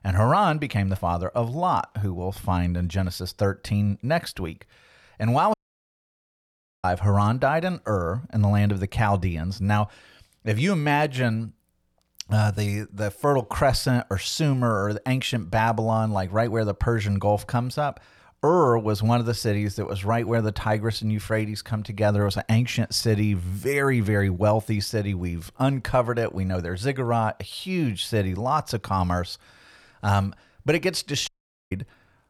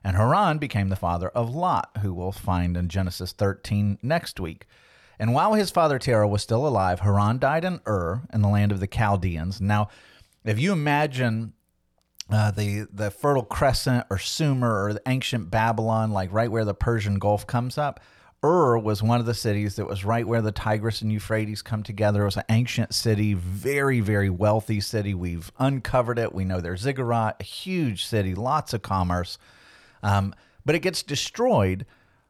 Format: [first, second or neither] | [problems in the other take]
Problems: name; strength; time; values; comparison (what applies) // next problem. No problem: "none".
second | audio cutting out; at 5.5 s for 1.5 s and at 31 s